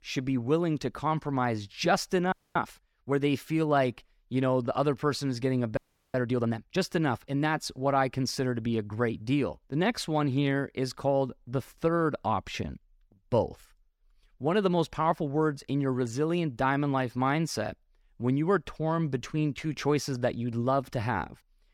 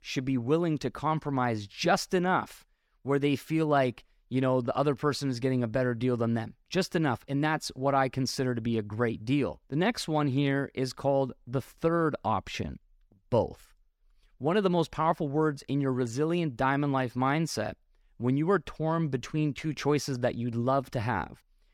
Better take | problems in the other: second | audio freezing; at 2.5 s and at 6 s

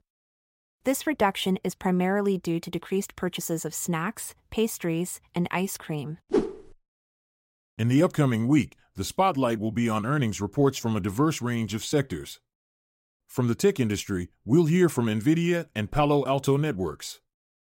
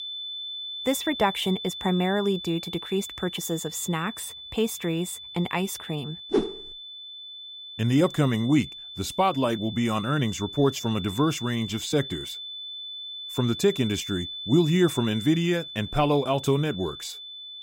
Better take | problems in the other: first | high-pitched whine; loud; throughout; 3.5 kHz, 9 dB below the speech

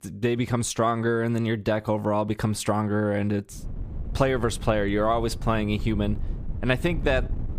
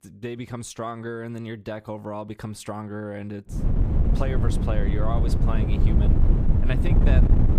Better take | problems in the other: first | wind noise on the microphone; heavy; from 3.5 s on; 1 dB below the speech; occasional gusts in the first

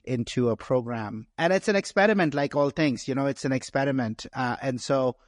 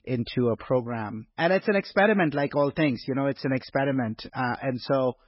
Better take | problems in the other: first | garbled, watery; badly; nothing above 5.5 kHz; slightly in the first

